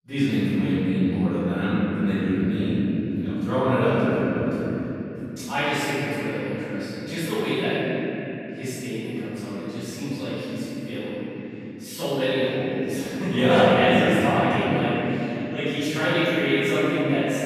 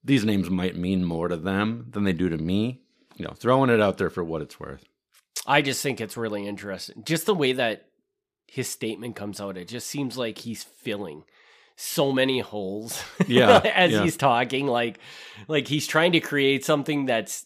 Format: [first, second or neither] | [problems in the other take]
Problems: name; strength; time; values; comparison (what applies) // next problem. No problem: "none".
second | off-mic speech; far // room echo; strong; dies away in 3 s